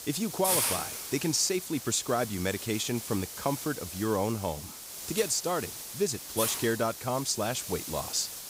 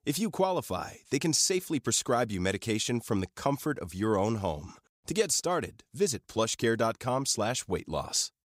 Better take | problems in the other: second | hiss; loud; throughout; 4 dB below the speech

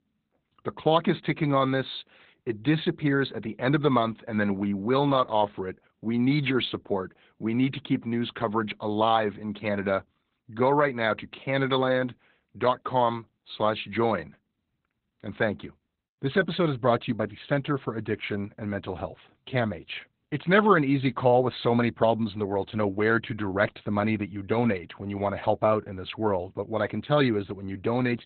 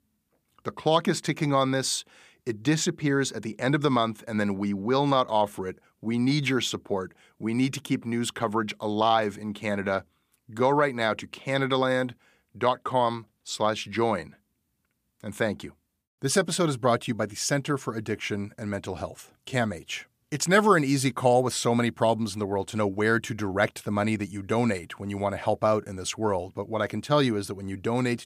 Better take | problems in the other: second | garbled, watery; badly; nothing above 4 kHz

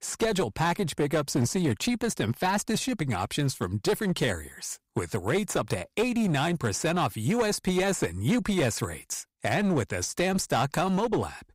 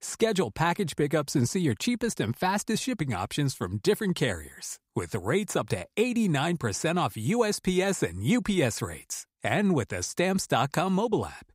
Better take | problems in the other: second | distortion; slight; 11% of the sound clipped

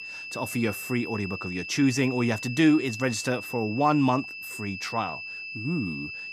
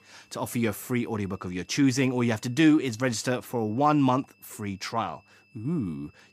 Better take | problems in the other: second | high-pitched whine; loud; throughout; 2.5 kHz, 9 dB below the speech; faint in the second

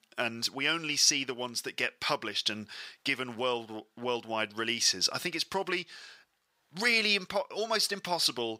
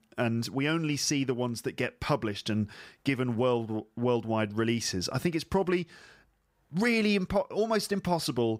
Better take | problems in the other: second | thin; somewhat; fading below 1 kHz

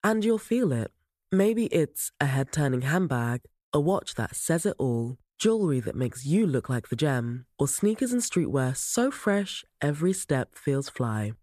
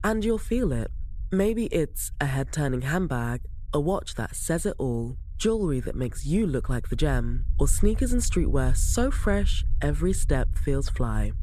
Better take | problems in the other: first | low rumble; faint; throughout; 25 dB below the speech

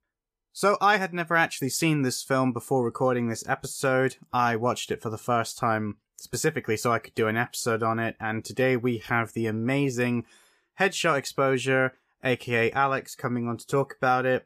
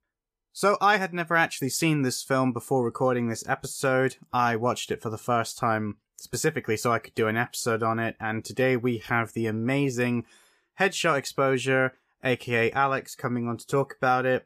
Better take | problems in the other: neither | none

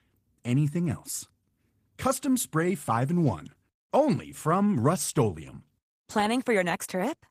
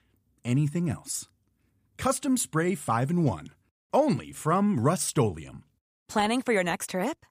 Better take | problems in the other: second | garbled, watery; slightly

